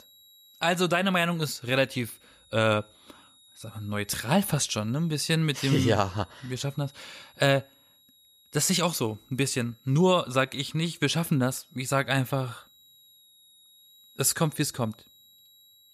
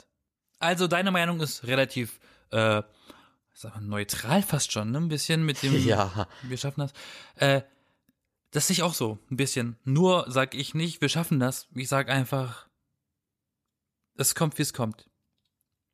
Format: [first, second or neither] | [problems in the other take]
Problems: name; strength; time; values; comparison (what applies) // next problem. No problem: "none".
second | high-pitched whine; faint; throughout; 4 kHz, 30 dB below the speech